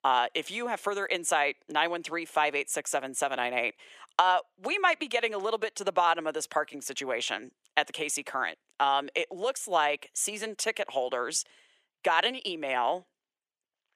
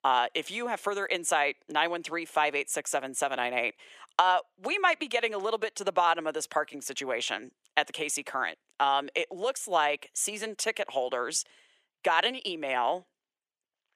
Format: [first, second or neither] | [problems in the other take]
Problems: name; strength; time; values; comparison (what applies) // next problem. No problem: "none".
neither | thin; very; fading below 600 Hz; the same in both